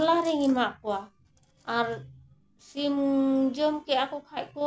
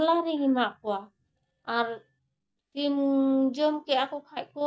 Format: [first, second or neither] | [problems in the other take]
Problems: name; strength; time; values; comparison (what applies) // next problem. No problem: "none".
first | noise reduction (neural mask model DeepFilterNet 3)